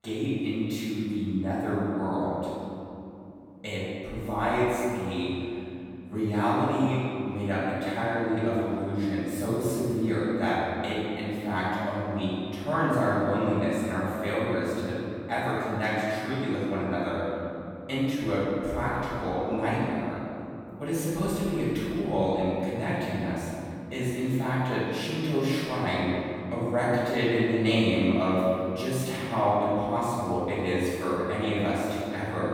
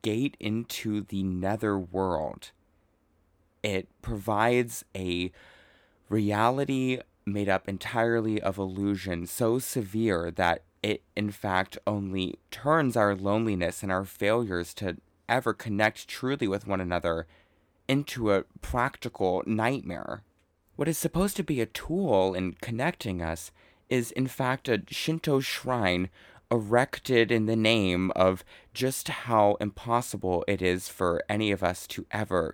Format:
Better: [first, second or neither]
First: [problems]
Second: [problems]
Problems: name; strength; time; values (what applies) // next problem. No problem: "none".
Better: second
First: off-mic speech; far // room echo; strong; dies away in 2.7 s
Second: none